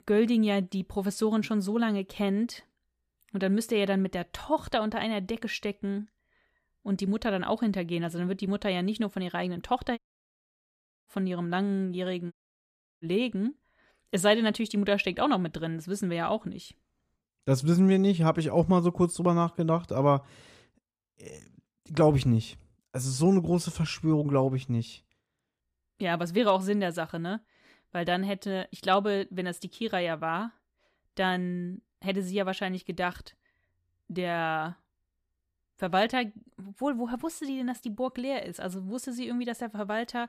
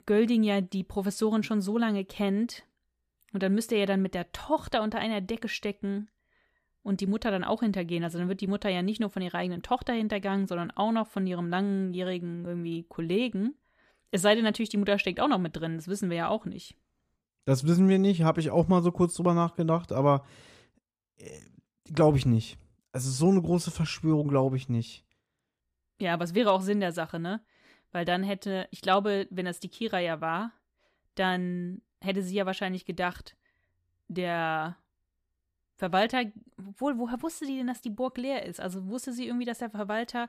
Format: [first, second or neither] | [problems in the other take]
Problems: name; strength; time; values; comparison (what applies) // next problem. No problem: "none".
second | audio cutting out; at 10 s for 1 s and at 12 s for 0.5 s